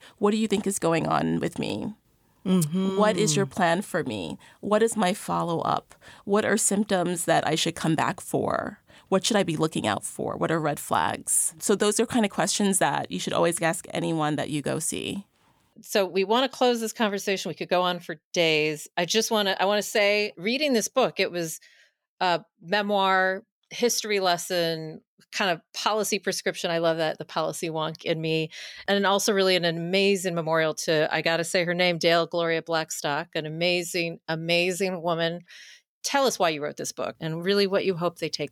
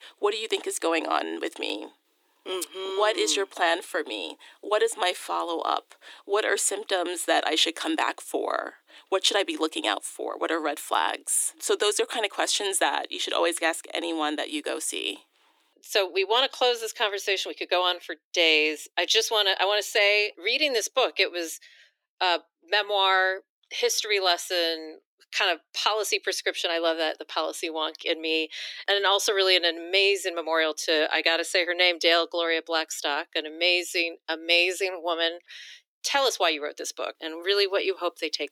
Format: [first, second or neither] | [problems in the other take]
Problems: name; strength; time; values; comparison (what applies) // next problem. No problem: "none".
first | thin; very; fading below 300 Hz